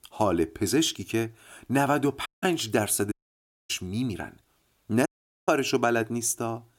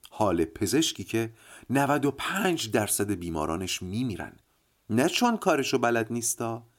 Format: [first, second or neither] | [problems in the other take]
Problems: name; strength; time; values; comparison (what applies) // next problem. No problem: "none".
second | audio cutting out; at 2.5 s, at 3 s for 0.5 s and at 5 s